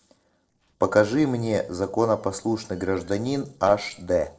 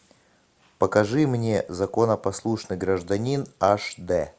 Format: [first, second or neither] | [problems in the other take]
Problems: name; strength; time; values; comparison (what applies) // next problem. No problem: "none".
second | noise reduction (neural separator model SepFormer DNS4)